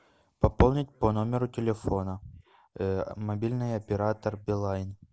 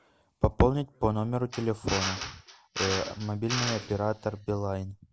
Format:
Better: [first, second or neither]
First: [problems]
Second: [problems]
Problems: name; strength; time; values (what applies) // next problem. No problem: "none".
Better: first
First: none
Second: background sound (Drill); 7 dB below the speech